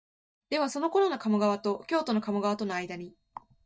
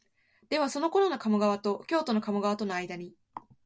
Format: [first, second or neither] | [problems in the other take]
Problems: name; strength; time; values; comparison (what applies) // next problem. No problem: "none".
second | noise reduction (neural mask model DeepFilterNet 3)